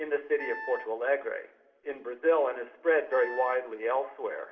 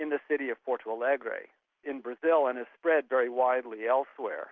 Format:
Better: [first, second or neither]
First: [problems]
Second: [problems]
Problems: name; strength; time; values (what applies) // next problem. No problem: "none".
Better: second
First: background sound (Wind instrument, woodwind instrument); 12 dB below the speech // room echo; dies away in 1.6 s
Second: none